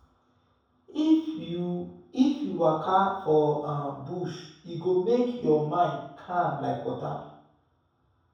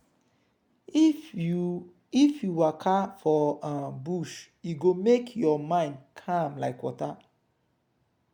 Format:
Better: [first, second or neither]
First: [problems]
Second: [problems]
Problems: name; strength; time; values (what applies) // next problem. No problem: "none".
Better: second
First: room echo; dies away in 0.7 s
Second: none